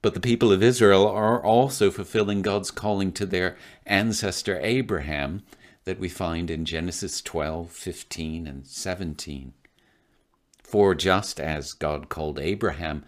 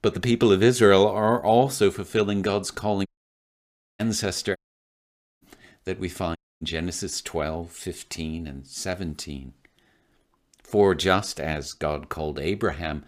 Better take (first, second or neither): first